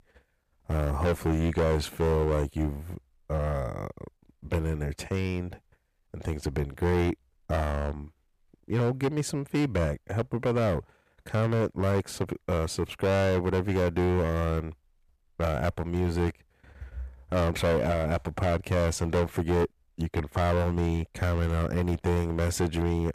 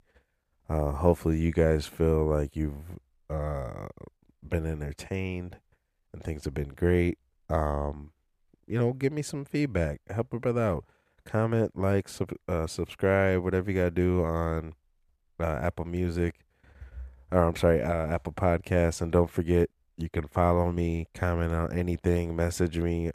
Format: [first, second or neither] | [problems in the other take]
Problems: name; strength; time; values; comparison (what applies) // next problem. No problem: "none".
second | distortion; heavy; 11% of the sound clipped